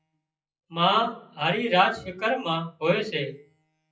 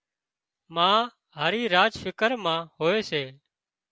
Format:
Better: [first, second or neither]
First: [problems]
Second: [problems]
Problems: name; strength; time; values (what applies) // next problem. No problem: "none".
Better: second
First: noise reduction (classical method WPE with log-MMSE)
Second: none